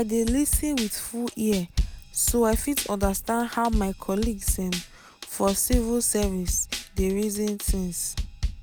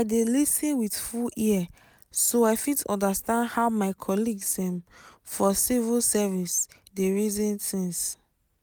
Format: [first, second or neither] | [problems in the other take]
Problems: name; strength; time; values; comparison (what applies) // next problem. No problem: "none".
second | background sound (Drum kit); 5 dB below the speech